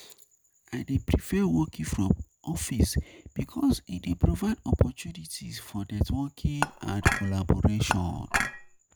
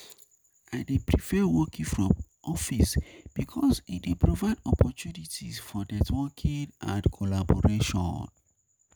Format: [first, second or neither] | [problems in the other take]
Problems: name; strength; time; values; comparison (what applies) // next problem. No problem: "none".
second | background sound (Dishes, pots, and pans / Chink, clink); 3 dB below the speech